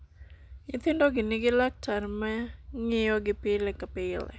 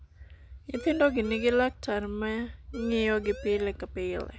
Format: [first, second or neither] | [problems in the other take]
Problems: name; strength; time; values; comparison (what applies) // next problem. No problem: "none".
first | background sound (Siren); 16 dB below the speech